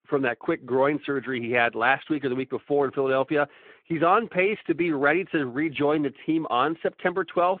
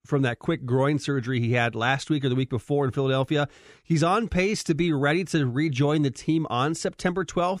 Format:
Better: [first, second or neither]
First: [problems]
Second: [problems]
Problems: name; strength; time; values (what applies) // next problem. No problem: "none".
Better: second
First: phone-call audio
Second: none